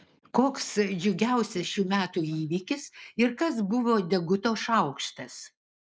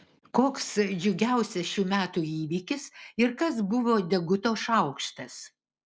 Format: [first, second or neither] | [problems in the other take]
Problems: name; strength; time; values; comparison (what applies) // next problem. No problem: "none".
second | noise reduction (neural mask model Resemble Enhance denoiser)